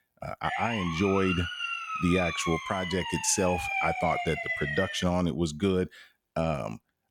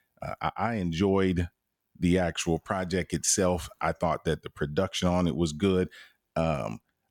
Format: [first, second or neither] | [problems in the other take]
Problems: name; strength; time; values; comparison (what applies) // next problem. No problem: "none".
second | siren; loud; until 5 s; peak level with the speech